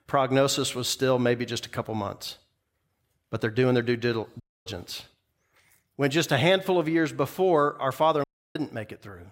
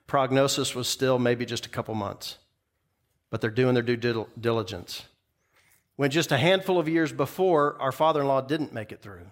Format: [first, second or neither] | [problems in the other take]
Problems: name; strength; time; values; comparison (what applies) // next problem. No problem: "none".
second | audio cutting out; at 4.5 s and at 8 s